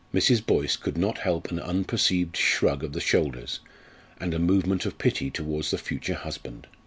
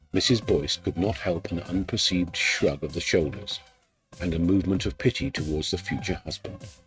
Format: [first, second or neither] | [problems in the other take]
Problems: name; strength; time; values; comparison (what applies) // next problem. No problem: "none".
first | noise reduction (neural mask model RNNoise)